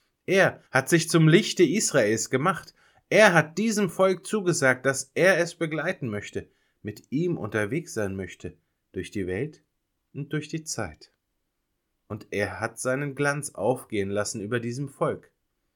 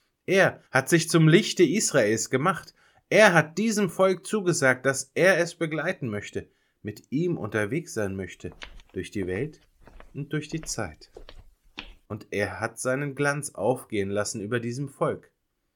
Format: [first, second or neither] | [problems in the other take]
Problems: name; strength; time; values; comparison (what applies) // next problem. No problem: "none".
first | footsteps; faint; from 8.5 to 12 s; peak 20 dB below the speech